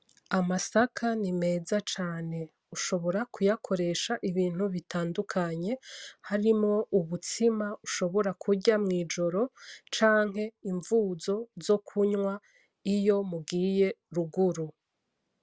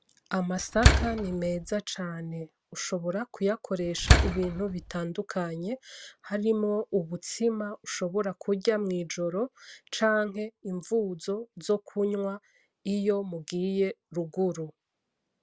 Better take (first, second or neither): first